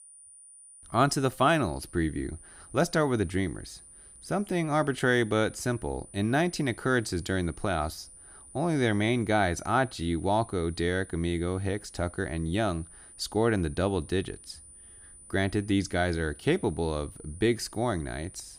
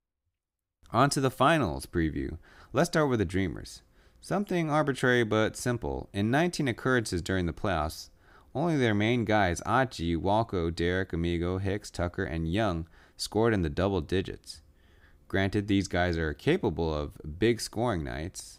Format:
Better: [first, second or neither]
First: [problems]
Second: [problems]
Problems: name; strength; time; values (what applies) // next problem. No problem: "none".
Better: second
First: high-pitched whine; noticeable; throughout; 9.5 kHz, 20 dB below the speech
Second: none